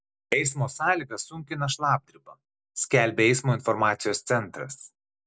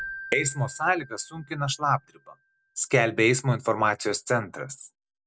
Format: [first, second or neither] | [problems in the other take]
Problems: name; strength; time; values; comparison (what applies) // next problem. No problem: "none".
first | background sound (Keyboard (musical)); 19 dB below the speech